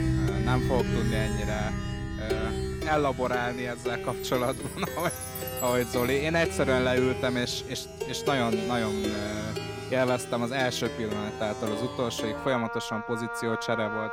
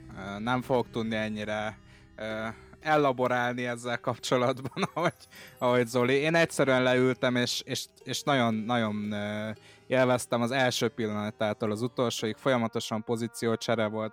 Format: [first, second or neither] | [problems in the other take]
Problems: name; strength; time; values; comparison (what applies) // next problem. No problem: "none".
second | background music; loud; throughout; 3 dB below the speech; faint in the second